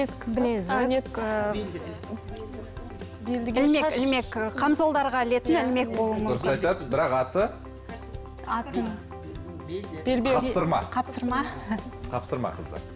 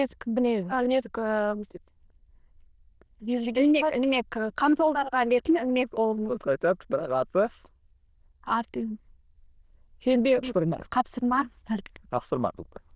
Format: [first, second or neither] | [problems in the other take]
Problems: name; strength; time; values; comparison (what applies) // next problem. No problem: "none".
first | noise reduction (neural diffusion model UNIVERSE++)